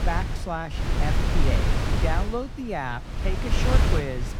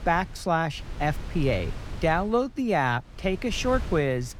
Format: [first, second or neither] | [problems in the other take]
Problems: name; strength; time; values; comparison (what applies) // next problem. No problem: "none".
second | wind noise on the microphone; heavy; as loud as the speech; occasional gusts in the second